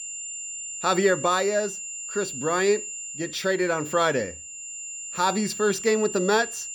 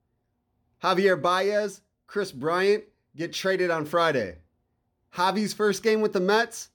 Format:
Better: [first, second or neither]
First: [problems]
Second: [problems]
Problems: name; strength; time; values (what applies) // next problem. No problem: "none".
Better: second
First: high-pitched whine; loud; throughout; 7 kHz, 8 dB below the speech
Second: none